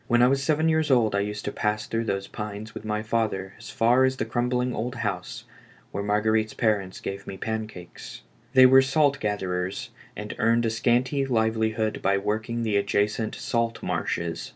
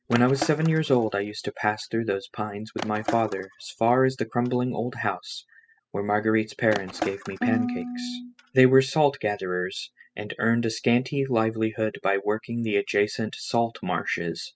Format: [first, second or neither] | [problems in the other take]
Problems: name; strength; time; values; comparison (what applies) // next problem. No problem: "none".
first | noise reduction (classical method spectral subtraction)